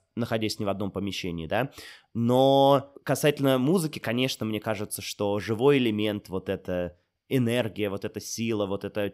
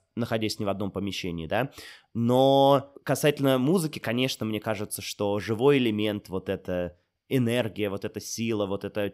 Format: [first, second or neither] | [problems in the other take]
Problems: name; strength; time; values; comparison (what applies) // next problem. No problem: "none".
neither | none